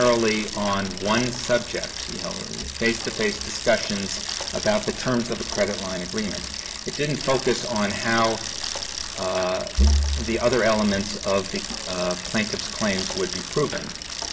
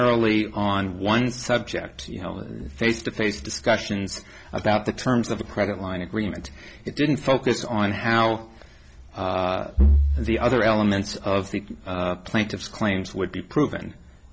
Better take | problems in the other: second | background sound (Bicycle); 7 dB below the speech // room echo; dies away in 1.9 s

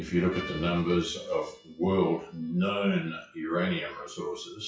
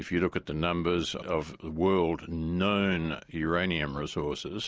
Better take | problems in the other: second | noise reduction (classical method WPE with log-MMSE)

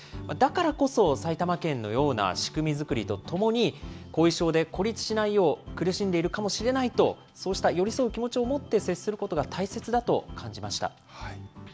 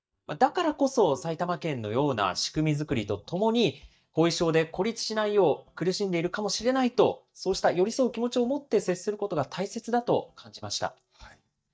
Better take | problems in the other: first | noise reduction (neural mask model DeepFilterNet 3)

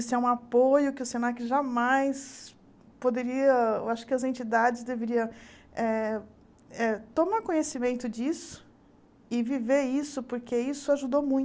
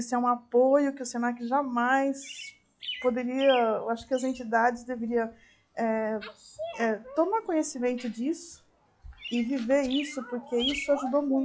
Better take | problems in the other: first | noise reduction (classical method log-MMSE)

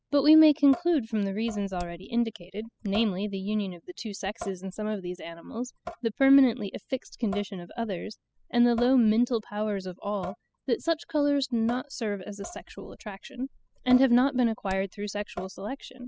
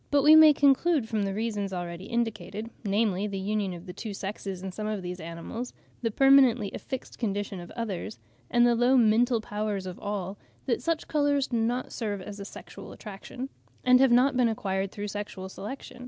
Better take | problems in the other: second | noise reduction (classical method spectral subtraction)

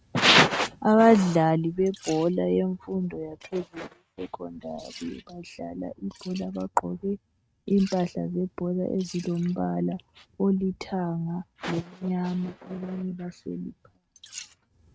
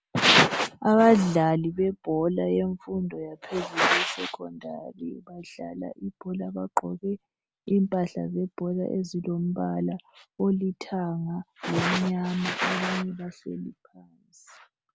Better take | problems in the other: second | noise reduction (neural mask model RNNoise)

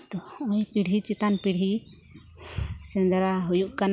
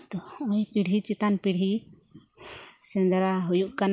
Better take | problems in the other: first | noise reduction (neural mask model Resemble Enhance denoiser)

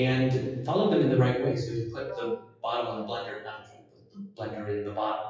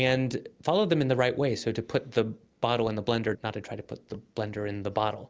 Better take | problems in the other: second | noise reduction (classical method WPE with log-MMSE)

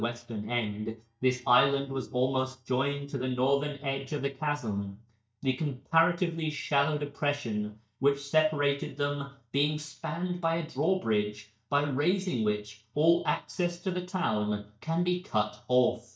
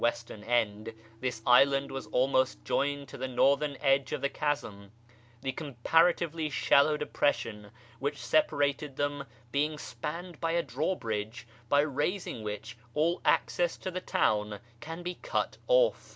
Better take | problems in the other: second | noise reduction (neural mask model DeepFilterNet 3)

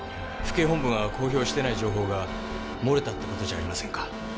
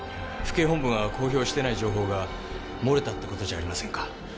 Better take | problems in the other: second | background sound (Alarm); 11 dB below the speech

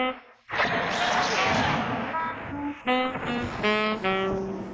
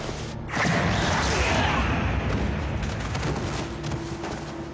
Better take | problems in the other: second | noise reduction (neural mask model Resemble Enhance denoiser)

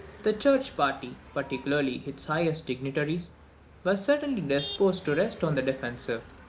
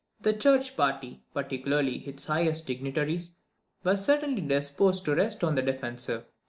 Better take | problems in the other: second | background sound (Motor vehicle (road)); 17 dB below the speech

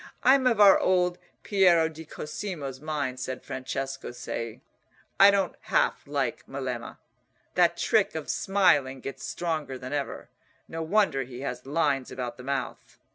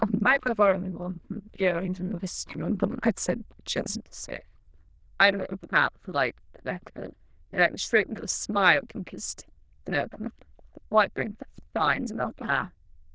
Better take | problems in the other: first | noise reduction (neural diffusion model UNIVERSE++)

